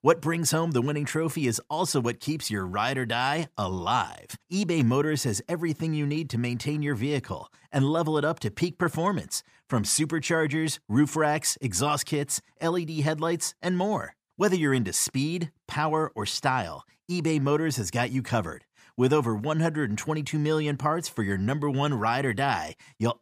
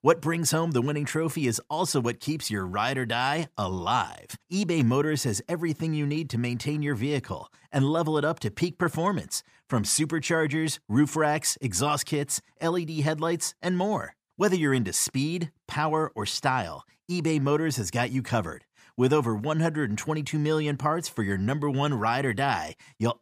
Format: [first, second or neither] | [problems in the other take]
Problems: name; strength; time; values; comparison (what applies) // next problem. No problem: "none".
neither | none